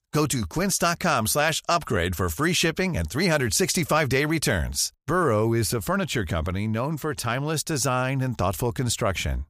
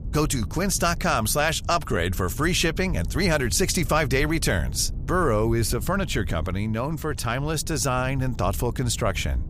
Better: first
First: none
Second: wind noise on the microphone; occasional gusts; 25 dB below the speech

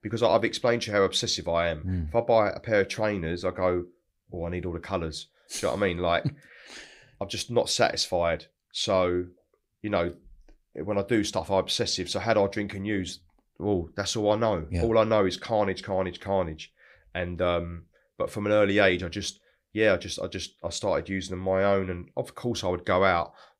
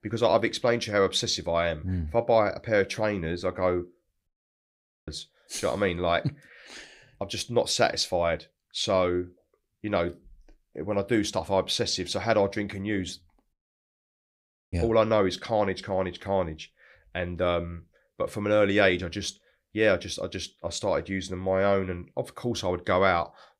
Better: first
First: none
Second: audio cutting out; at 4.5 s for 1 s and at 14 s for 1 s

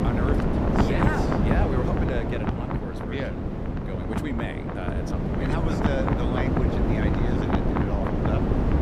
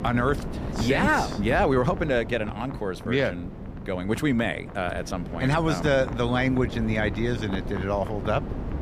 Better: second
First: wind noise on the microphone; heavy; 4 dB above the speech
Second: wind noise on the microphone; occasional gusts; 15 dB below the speech

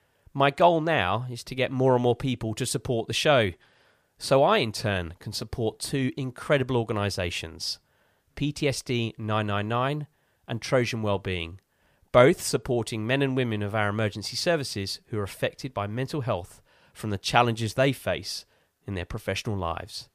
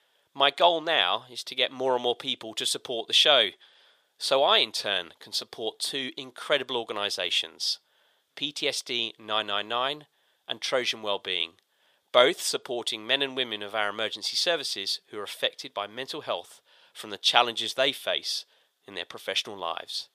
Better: first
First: none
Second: thin; somewhat; fading below 450 Hz

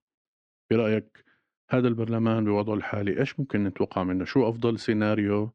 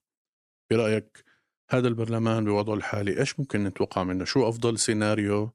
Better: second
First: muffled; slightly; fading above 3.5 kHz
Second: none

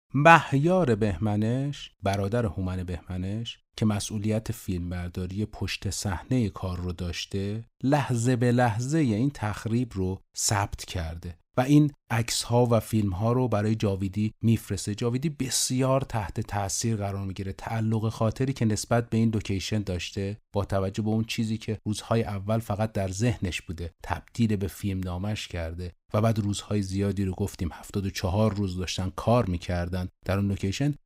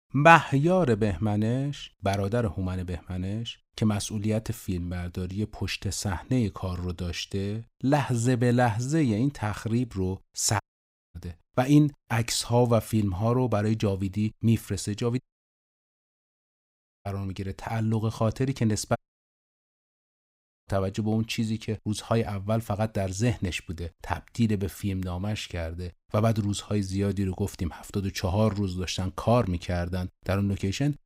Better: first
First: none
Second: audio cutting out; at 11 s for 0.5 s, at 15 s for 2 s and at 19 s for 1.5 s

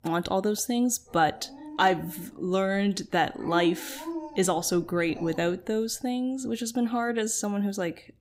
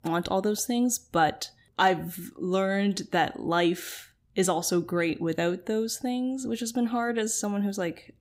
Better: second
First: dog barking; noticeable; from 1 to 6 s; peak 7 dB below the speech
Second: none

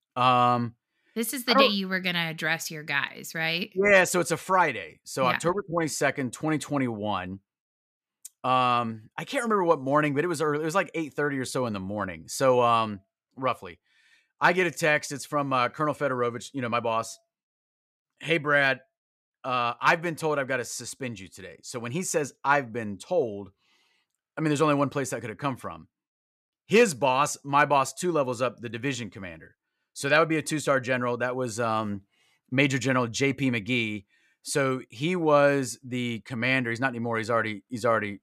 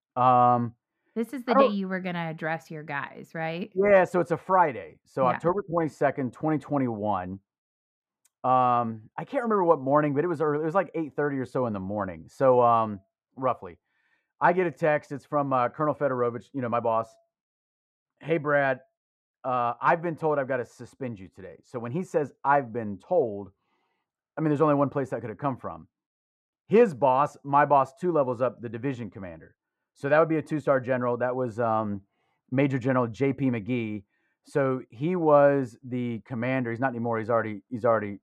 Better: first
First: none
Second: muffled; very; fading above 2.5 kHz

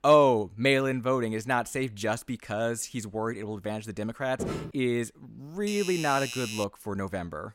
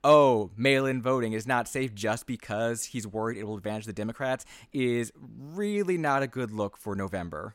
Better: second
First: footsteps; noticeable; at 4.5 s; peak 6 dB below the speech // doorbell; noticeable; from 5.5 to 6.5 s; peak 6 dB below the speech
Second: none

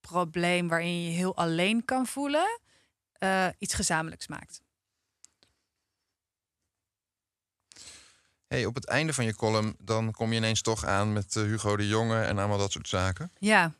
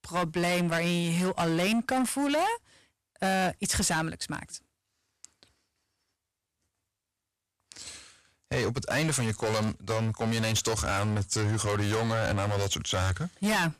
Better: first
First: none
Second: distortion; heavy; 15% of the sound clipped

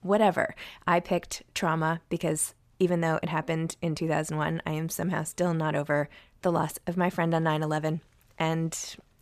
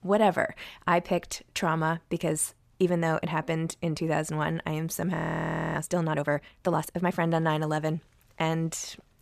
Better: first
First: none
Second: audio freezing; at 5 s for 0.5 s

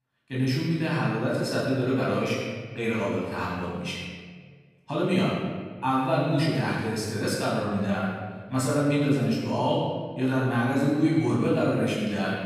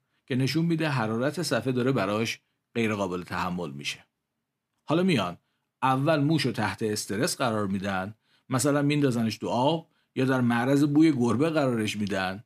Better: second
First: room echo; strong; dies away in 1.5 s // off-mic speech; far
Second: none

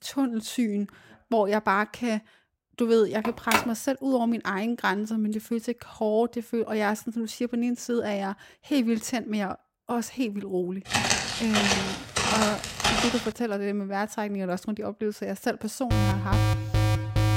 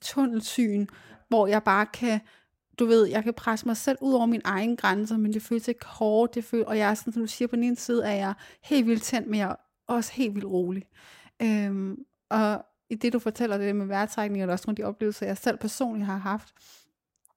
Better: second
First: phone ringing; loud; at 3 s; peak 3 dB above the speech // footsteps; loud; from 11 to 13 s; peak 5 dB above the speech // alarm; loud; from 16 s on; peak 3 dB above the speech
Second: none

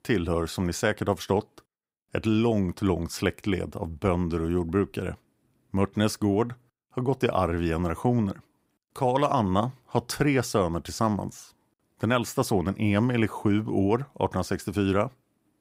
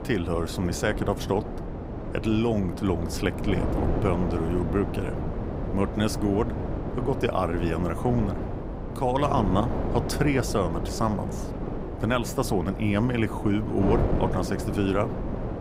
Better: first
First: none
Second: wind noise on the microphone; heavy; 6 dB below the speech

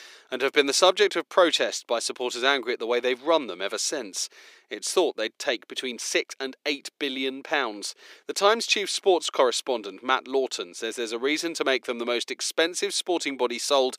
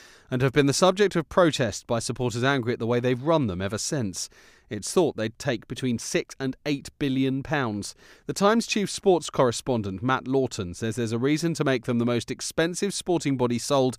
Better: second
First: thin; somewhat; fading below 350 Hz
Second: none

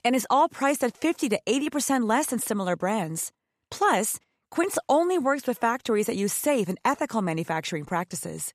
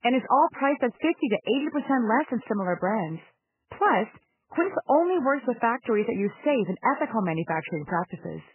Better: first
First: none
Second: garbled, watery; badly; nothing above 3 kHz

